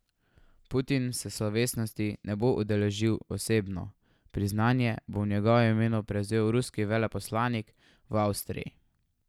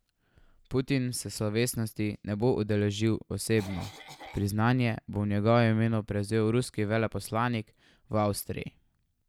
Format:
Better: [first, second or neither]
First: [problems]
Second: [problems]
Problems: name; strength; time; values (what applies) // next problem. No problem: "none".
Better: first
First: none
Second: background sound (Cough); 17 dB below the speech